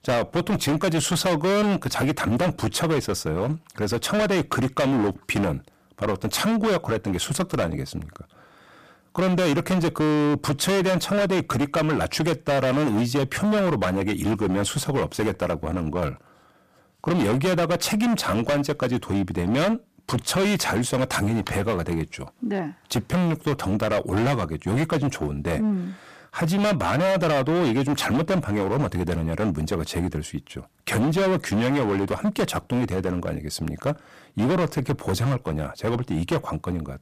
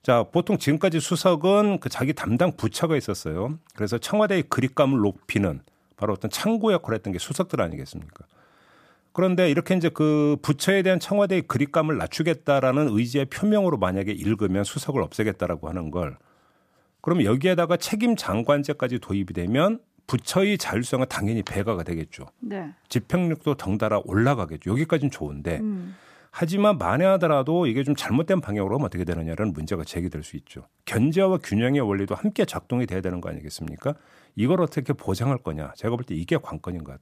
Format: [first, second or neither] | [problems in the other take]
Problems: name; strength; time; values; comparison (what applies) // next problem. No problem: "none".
second | distortion; heavy; 21% of the sound clipped